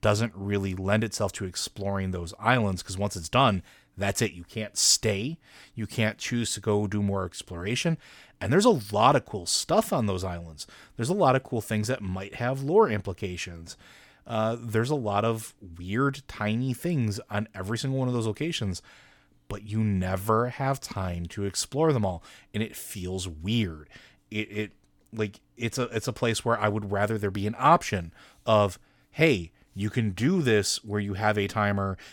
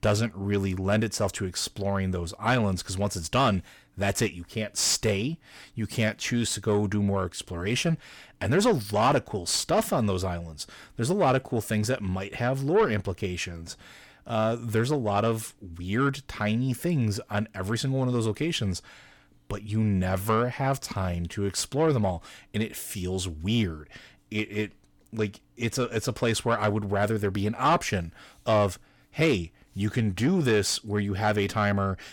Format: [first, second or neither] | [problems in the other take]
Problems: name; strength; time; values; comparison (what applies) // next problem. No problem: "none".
first | distortion; slight; 10 dB below the speech